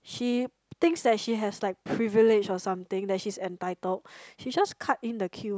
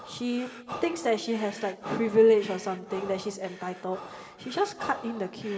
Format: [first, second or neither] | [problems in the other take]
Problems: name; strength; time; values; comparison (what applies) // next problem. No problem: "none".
first | background sound (Breathing); 14 dB below the speech // room echo; dies away in 2 s